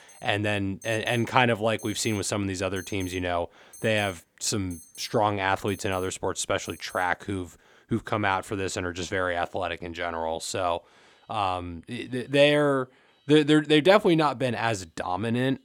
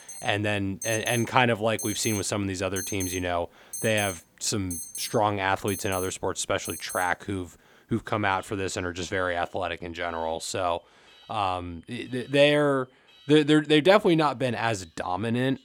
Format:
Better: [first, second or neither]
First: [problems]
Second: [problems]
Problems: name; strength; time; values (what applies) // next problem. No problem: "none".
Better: first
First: alarms or sirens; faint; throughout; 20 dB below the speech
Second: alarms or sirens; loud; throughout; 9 dB below the speech